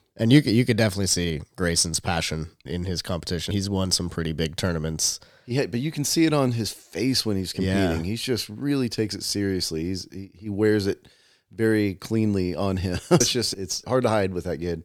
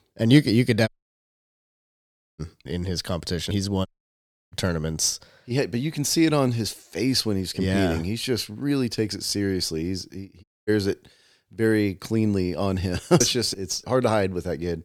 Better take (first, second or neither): first